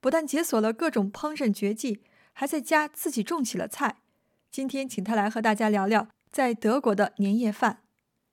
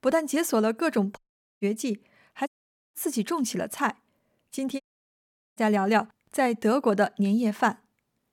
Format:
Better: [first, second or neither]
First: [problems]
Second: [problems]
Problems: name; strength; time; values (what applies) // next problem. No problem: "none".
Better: first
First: none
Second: audio cutting out; at 1 s, at 2.5 s and at 5 s for 1 s